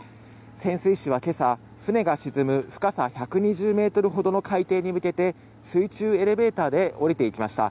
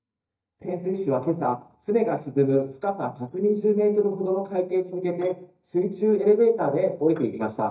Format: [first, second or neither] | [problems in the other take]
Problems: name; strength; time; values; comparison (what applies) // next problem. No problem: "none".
first | noise reduction (neural mask model DeepFilterNet 3)